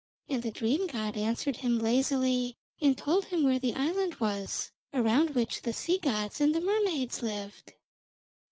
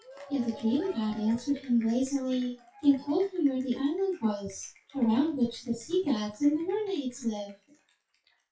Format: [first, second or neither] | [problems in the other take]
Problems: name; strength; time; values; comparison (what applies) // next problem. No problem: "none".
first | noise reduction (classical method WPE with log-MMSE)